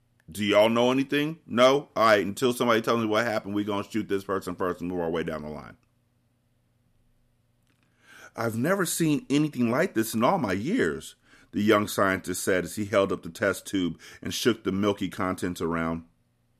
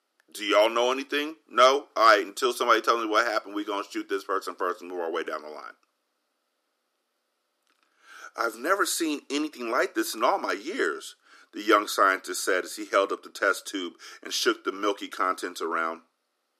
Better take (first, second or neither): first